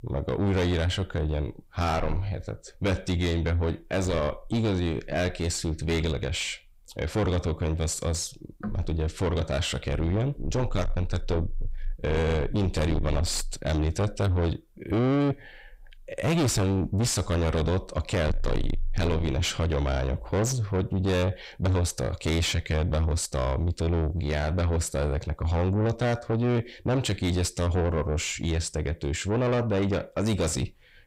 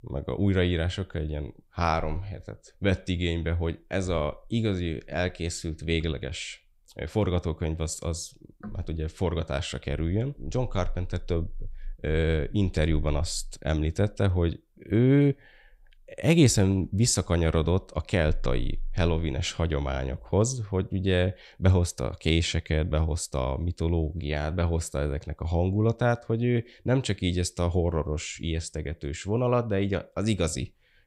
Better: second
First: distortion; heavy; 5 dB below the speech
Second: none

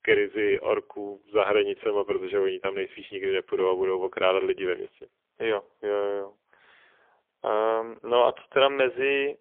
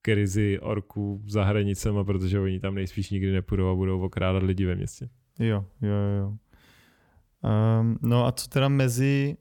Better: second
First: phone-call audio; poor line; nothing above 3 kHz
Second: none

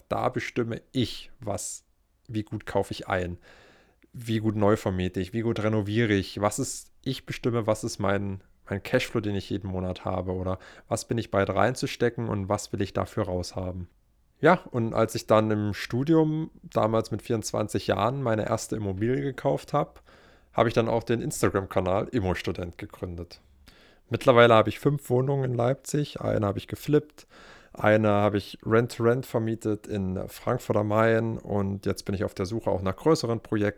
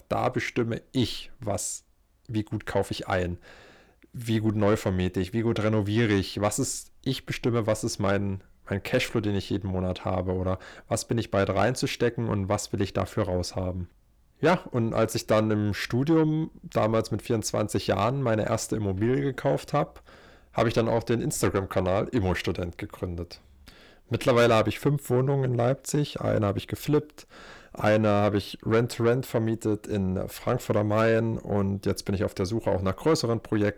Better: first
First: none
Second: distortion; slight; 10 dB below the speech

